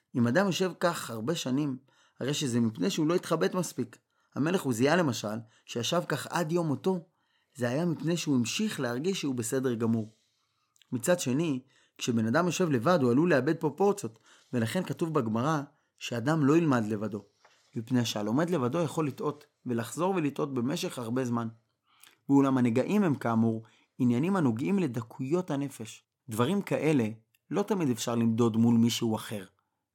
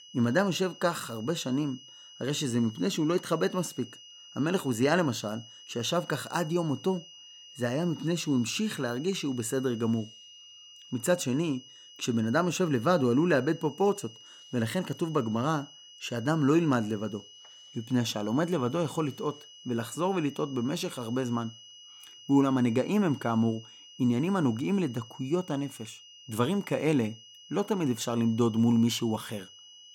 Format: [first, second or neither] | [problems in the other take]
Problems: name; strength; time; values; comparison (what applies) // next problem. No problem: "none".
first | high-pitched whine; noticeable; throughout; 3 kHz, 20 dB below the speech